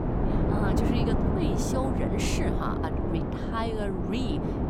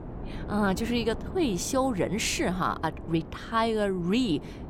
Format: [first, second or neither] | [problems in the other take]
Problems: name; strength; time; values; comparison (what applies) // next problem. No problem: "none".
second | wind noise on the microphone; heavy; 1 dB above the speech; occasional gusts in the second